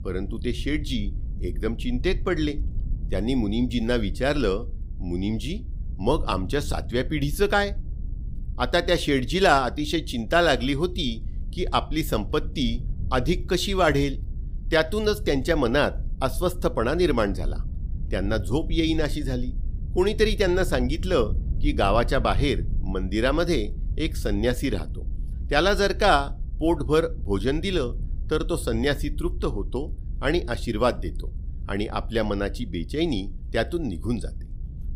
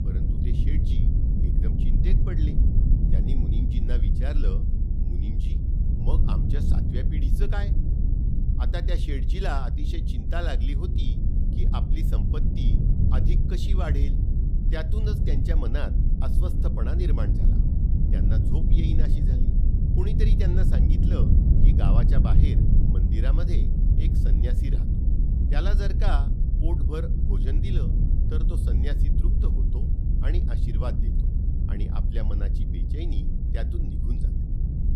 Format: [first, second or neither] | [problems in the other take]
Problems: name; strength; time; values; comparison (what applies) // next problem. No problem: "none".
first | low rumble; loud; throughout; 1 dB below the speech; faint in the first